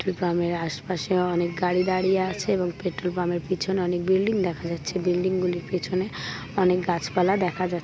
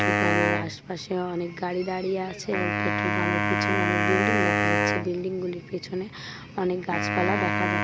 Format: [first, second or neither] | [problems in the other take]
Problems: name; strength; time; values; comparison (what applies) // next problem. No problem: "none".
first | background sound (Wind instrument, woodwind instrument); 3 dB above the speech